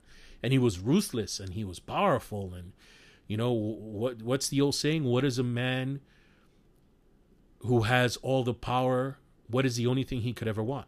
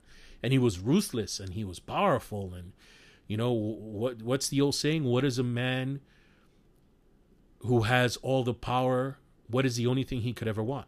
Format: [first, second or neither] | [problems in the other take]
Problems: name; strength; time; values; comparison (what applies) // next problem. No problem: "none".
neither | none